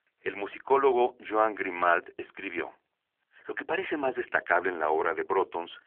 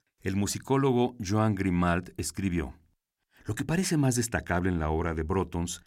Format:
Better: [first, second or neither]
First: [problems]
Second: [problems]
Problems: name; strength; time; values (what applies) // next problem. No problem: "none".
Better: second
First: phone-call audio; nothing above 3.5 kHz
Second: none